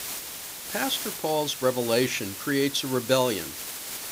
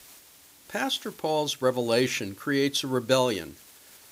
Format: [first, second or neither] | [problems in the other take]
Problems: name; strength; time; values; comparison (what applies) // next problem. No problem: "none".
second | hiss; loud; throughout; 7 dB below the speech; faint in the second